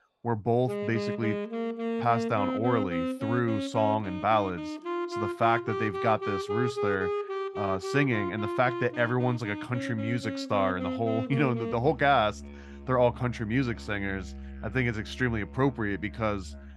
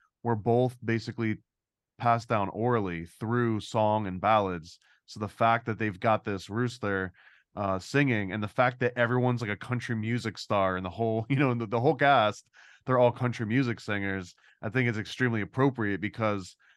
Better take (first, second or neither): second